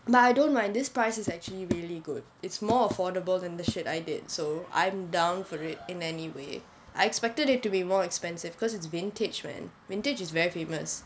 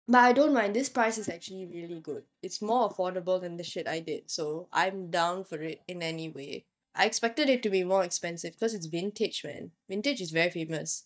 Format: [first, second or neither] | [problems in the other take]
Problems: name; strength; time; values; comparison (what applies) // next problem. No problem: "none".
first | noise reduction (neural mask model DeepFilterNet 3)